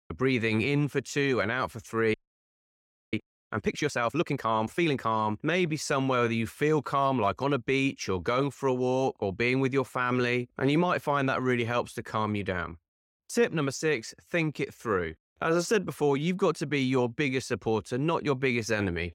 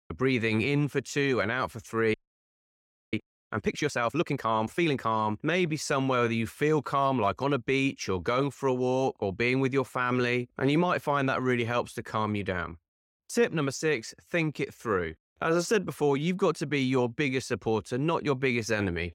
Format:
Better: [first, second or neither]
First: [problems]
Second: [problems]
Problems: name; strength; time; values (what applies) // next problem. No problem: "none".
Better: neither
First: audio freezing; at 2 s for 1 s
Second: audio freezing; at 2 s for 1 s